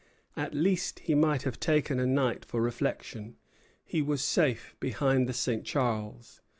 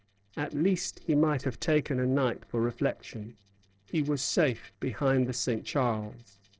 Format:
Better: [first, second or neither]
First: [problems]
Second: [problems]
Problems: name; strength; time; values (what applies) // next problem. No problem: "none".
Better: first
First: none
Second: noise reduction (neural separator model SepFormer DNS4)